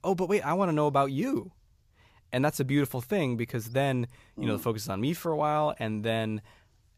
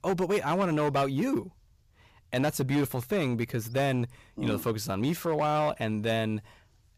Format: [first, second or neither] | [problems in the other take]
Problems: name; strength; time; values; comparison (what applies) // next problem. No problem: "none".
first | distortion; slight; 8% of the sound clipped